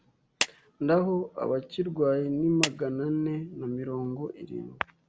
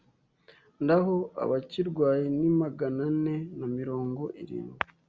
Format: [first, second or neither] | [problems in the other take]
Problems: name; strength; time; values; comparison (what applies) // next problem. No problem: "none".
second | background sound (Clapping); 7 dB below the speech